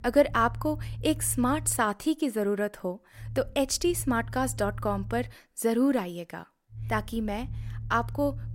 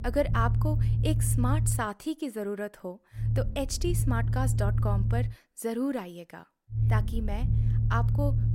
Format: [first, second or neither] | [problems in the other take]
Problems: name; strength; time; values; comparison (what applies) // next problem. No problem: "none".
first | low rumble; loud; until 2 s, from 3 to 5.5 s and from 7 s on; 8 dB below the speech; faint in the first